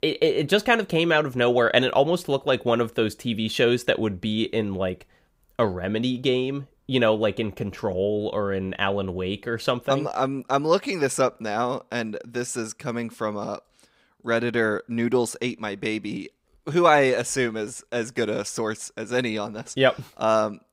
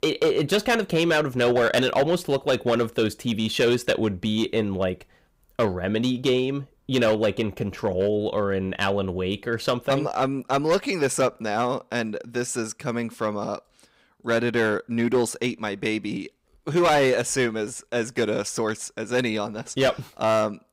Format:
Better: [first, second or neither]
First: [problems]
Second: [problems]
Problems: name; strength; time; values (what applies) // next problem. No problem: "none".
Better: first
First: none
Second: distortion; slight; 5% of the sound clipped